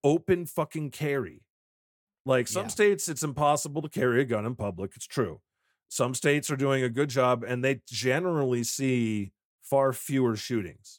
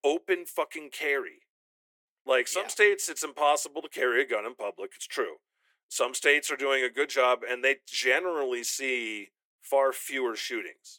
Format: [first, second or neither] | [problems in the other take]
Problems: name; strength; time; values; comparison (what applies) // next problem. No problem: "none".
first | thin; very; fading below 350 Hz